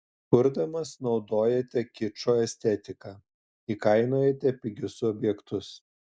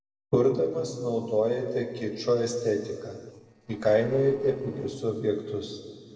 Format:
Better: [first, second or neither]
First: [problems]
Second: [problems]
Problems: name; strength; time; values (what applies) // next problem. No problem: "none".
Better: first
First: none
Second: noise reduction (neural separator model SepFormer DNS4)